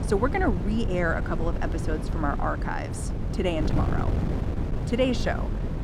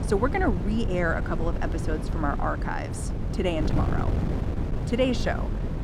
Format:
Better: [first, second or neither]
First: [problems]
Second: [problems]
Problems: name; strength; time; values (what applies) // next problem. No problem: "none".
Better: neither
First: wind noise on the microphone; heavy; 8 dB below the speech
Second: wind noise on the microphone; heavy; 8 dB below the speech